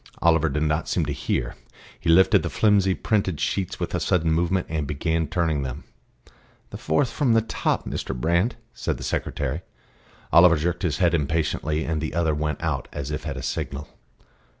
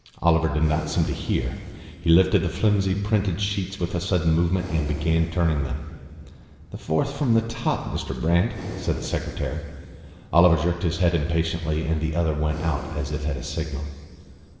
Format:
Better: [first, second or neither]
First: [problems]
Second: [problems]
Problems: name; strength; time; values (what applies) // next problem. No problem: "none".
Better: first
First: none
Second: background sound (Breathing); 17 dB below the speech // room echo; dies away in 2.9 s